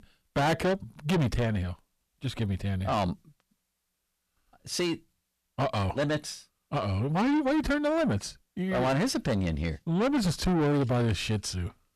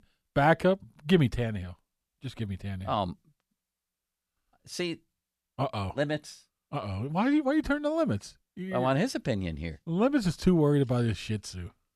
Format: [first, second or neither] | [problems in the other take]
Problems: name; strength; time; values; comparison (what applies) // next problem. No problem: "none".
second | distortion; heavy; 6 dB below the speech